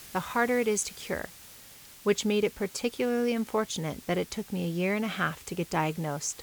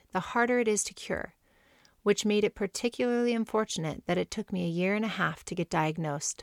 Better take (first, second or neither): second